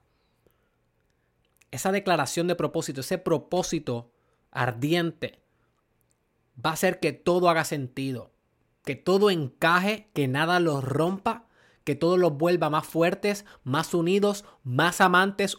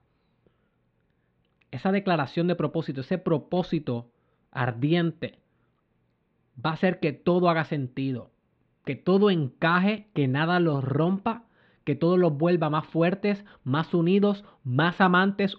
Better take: first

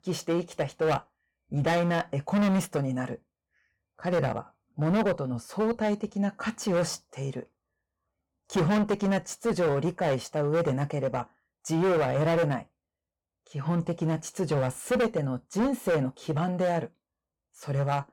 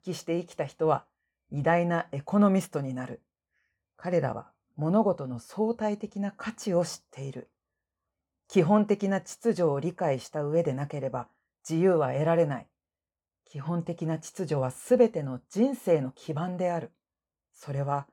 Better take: second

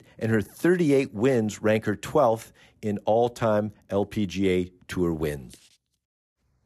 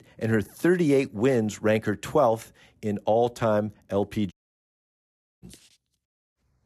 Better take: first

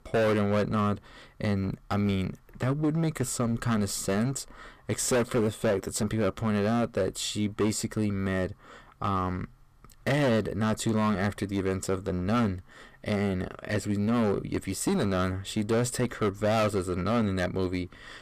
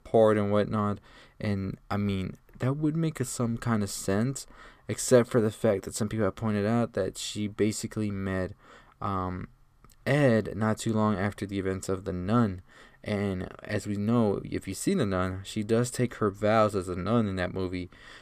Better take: second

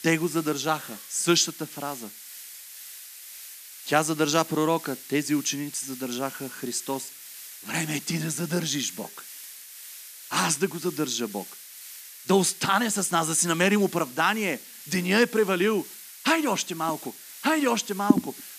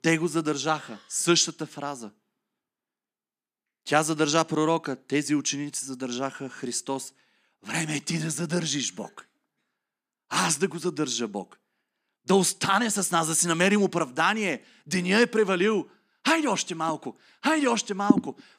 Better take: second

